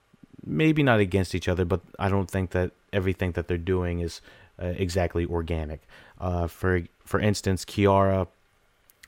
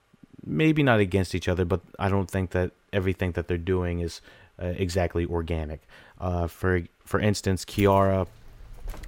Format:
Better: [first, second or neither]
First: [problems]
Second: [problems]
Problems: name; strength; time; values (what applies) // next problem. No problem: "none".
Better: first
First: none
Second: jangling keys; faint; from 7.5 s on; peak 15 dB below the speech